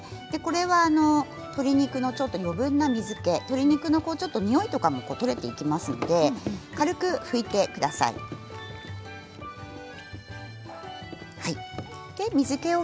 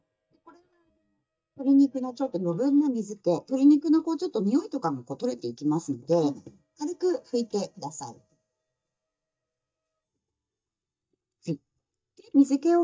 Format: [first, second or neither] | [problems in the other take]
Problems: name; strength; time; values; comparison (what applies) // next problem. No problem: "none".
first | noise reduction (neural mask model DeepFilterNet 3)